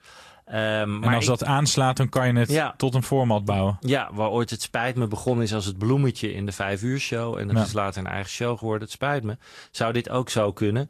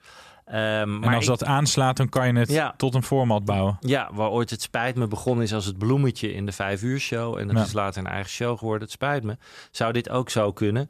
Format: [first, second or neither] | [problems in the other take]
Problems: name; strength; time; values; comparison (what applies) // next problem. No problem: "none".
second | garbled, watery; slightly; nothing above 13 kHz